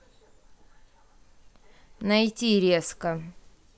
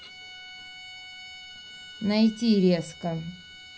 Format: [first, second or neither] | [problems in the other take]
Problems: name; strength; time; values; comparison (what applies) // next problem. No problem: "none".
first | background sound (Bowed string instrument); 17 dB below the speech // room echo; dies away in 0.5 s